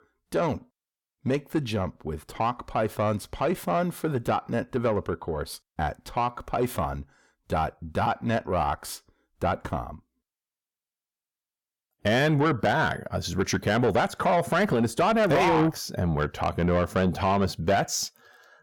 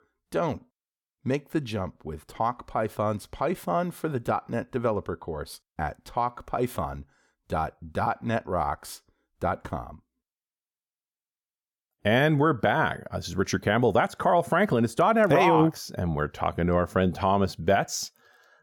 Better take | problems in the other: second | distortion; slight; 10 dB below the speech

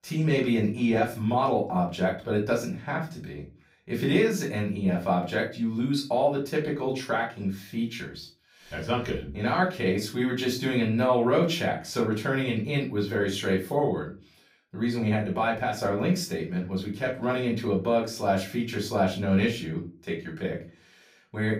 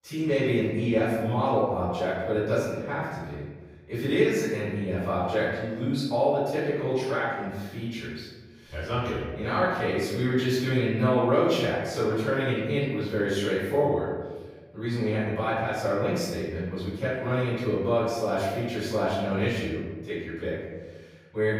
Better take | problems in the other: first | room echo; strong; dies away in 1.3 s; slight in the first // off-mic speech; far; far in the first

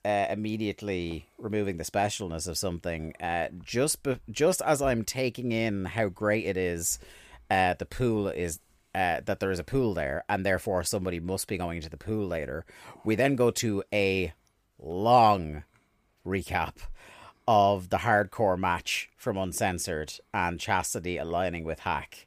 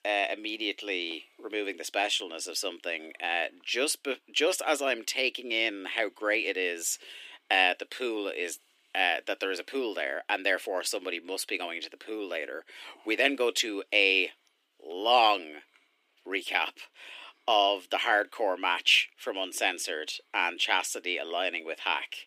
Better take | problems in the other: first | thin; somewhat; fading below 300 Hz

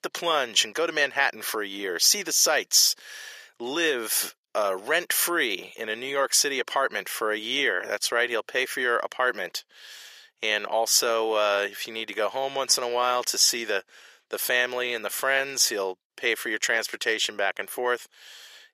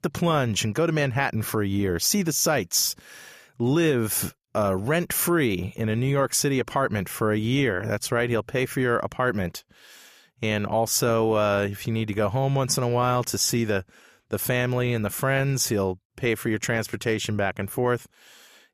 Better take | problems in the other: second | thin; very; fading below 450 Hz

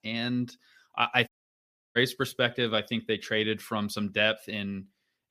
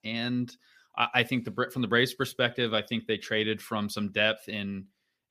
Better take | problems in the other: second | audio cutting out; at 1.5 s for 0.5 s

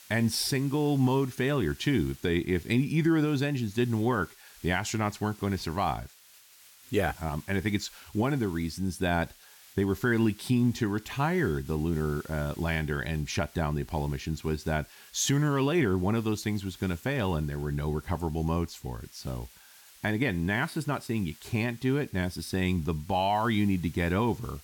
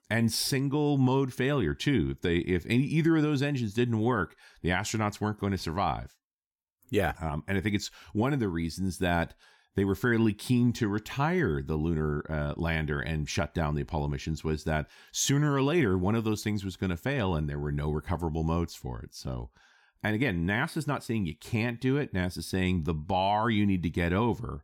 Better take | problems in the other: second | hiss; faint; throughout; 20 dB below the speech

